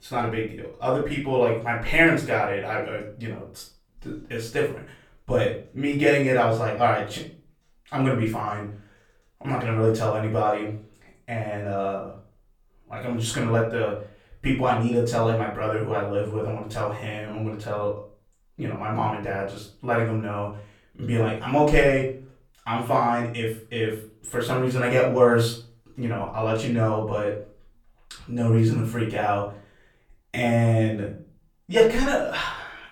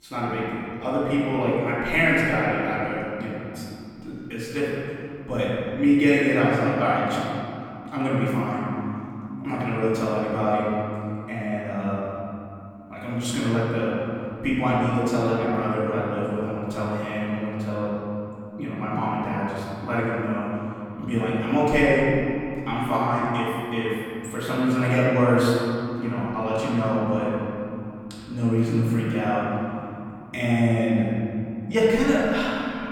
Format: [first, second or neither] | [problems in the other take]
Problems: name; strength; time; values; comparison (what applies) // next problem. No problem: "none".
first | room echo; strong; dies away in 2.8 s; slight in the first // off-mic speech; far; far in the first